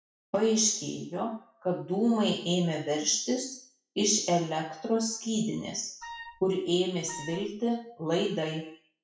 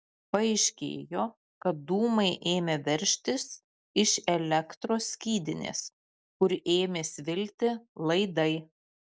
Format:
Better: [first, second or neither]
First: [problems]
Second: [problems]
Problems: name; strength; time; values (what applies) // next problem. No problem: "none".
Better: second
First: noise reduction (classical method WPE with log-MMSE)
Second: none